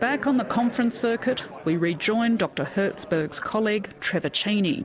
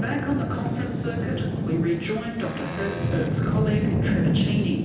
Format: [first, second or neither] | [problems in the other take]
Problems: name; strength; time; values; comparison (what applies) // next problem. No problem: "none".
first | background sound (Boat, Water vehicle); 4 dB above the speech // room echo; dies away in 0.9 s